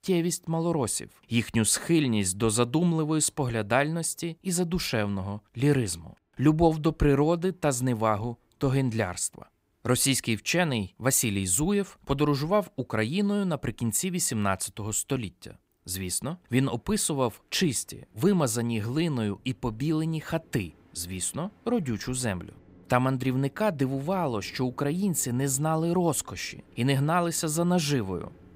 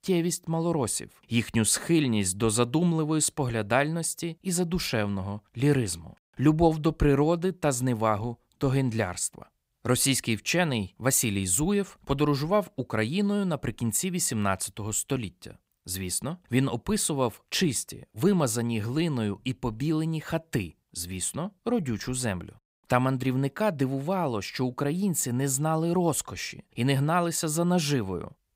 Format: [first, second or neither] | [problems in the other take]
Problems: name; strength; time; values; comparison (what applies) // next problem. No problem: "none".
second | train or aircraft noise; faint; throughout; 30 dB below the speech